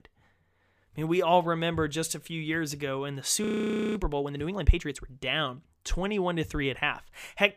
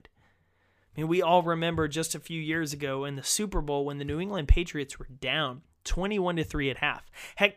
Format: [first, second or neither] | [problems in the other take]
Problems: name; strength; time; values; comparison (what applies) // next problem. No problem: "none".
second | audio freezing; at 3.5 s for 0.5 s